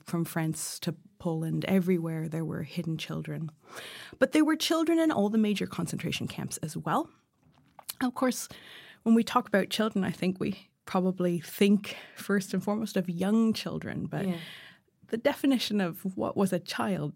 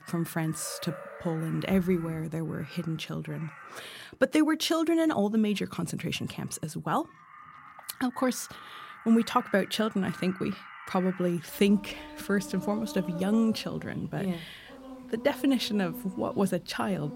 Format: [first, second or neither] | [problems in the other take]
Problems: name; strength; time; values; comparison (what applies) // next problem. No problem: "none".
first | animal sounds; noticeable; throughout; 15 dB below the speech